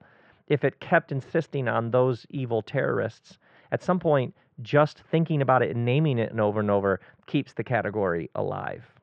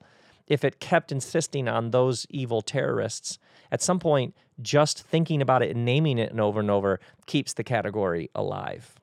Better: second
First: muffled; very; fading above 2.5 kHz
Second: none

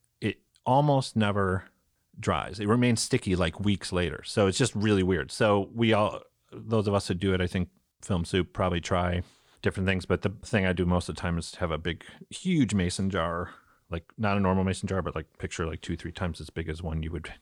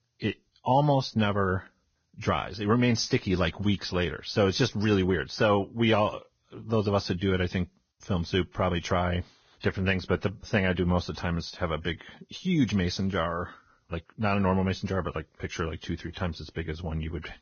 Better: first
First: none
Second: garbled, watery; badly; nothing above 6.5 kHz

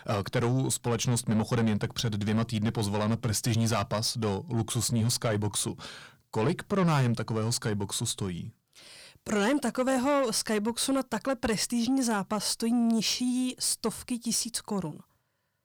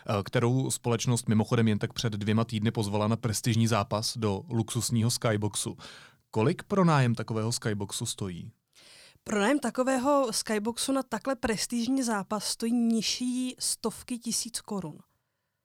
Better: second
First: distortion; slight; 10 dB below the speech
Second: none

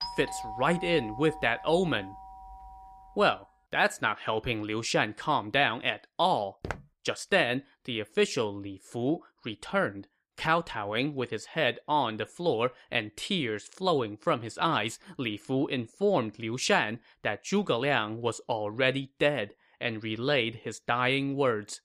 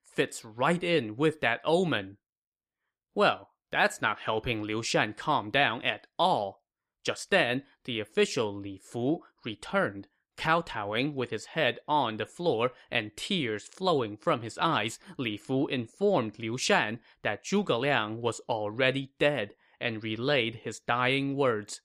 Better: second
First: doorbell; noticeable; until 3 s; peak 7 dB below the speech // footsteps; faint; at 6.5 s; peak 10 dB below the speech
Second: none

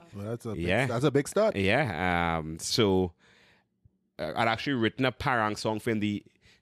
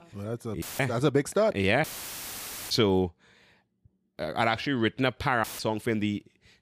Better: first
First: none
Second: audio cutting out; filled with static; at 0.5 s, at 2 s for 1 s and at 5.5 s

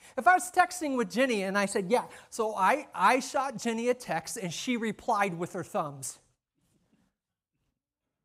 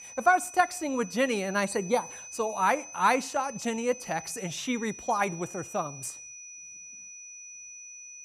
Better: first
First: none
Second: high-pitched whine; noticeable; throughout; 6 kHz, 15 dB below the speech

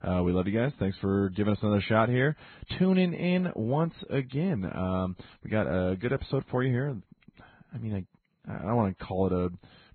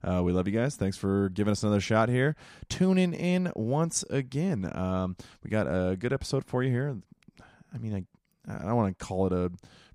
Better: second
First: garbled, watery; badly; nothing above 4 kHz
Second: none

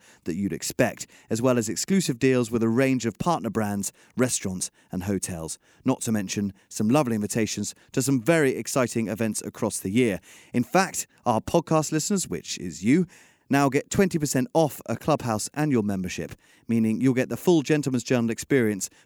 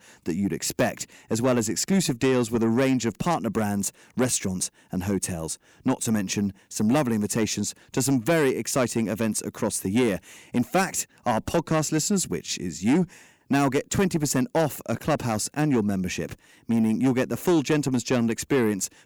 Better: first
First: none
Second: distortion; slight; 10 dB below the speech

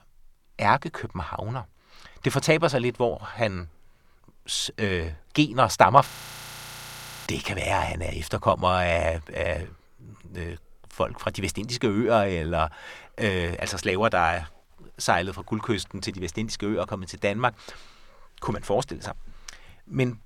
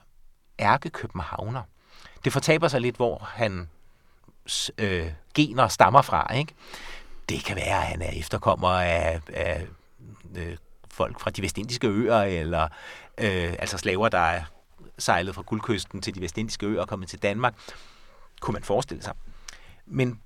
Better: second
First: audio freezing; at 6 s for 1 s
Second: none

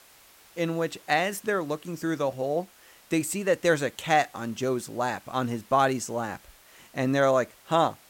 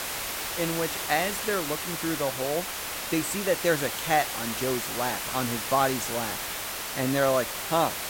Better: first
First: hiss; faint; throughout; 25 dB below the speech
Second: hiss; loud; throughout; 2 dB below the speech

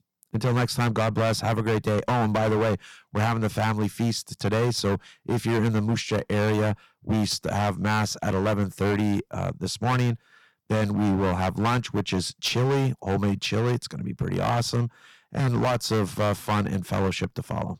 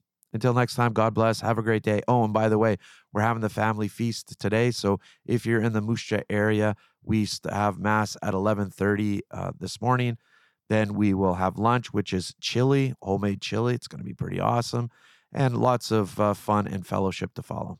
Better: second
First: distortion; heavy; 16% of the sound clipped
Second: none

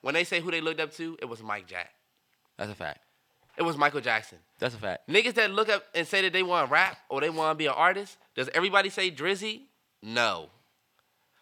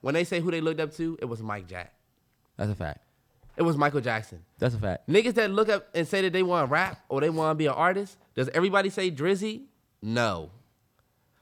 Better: second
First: thin; somewhat; fading below 500 Hz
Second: none

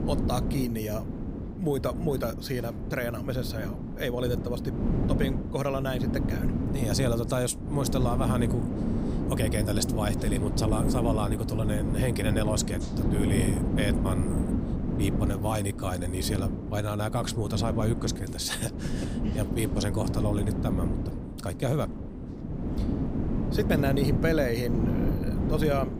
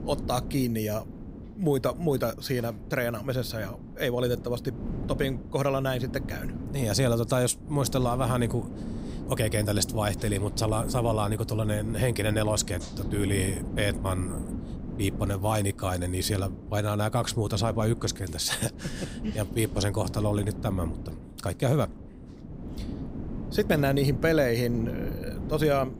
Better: second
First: wind noise on the microphone; heavy; 4 dB below the speech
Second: wind noise on the microphone; occasional gusts; 15 dB below the speech

